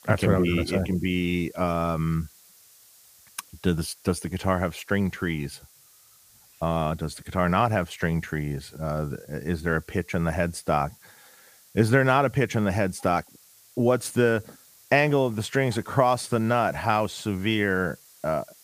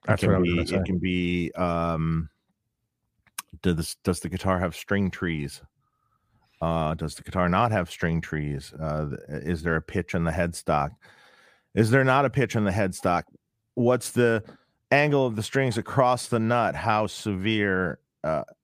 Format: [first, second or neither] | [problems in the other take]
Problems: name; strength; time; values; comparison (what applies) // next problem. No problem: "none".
second | hiss; faint; throughout; 25 dB below the speech